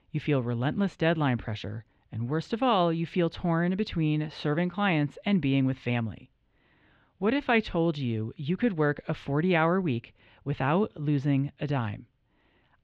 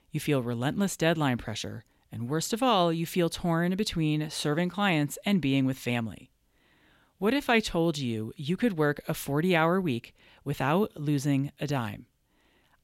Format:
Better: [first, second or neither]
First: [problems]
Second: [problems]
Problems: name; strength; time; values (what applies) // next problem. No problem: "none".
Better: second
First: muffled; slightly; fading above 3 kHz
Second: none